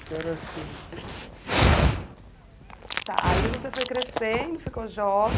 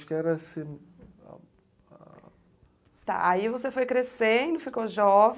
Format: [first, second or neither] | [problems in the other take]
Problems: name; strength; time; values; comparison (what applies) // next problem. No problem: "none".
second | background sound (Dog); 3 dB above the speech